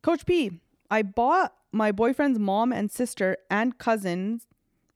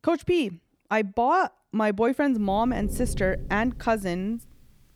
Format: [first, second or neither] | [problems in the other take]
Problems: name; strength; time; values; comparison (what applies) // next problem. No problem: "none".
first | door banging; noticeable; from 2.5 to 4.5 s; peak 8 dB below the speech